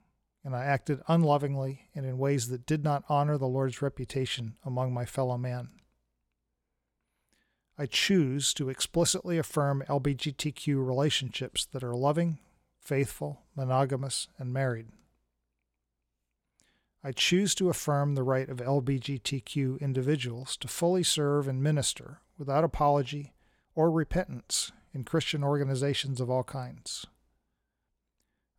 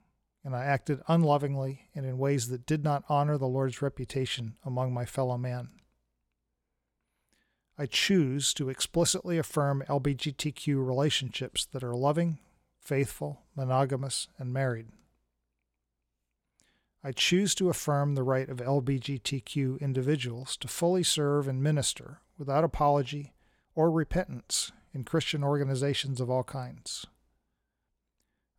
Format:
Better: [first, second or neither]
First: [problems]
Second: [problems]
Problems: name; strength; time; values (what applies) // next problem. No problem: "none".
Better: neither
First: none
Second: none